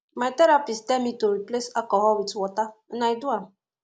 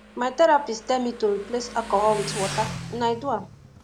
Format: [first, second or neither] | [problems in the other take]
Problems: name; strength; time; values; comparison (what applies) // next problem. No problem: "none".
first | background sound (Motorcycle); 12 dB below the speech